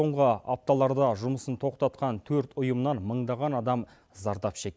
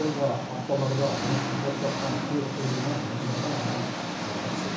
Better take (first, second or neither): first